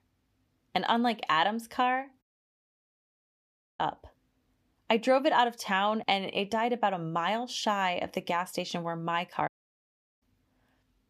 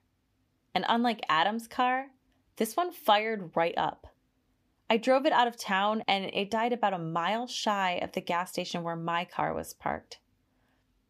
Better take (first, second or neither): second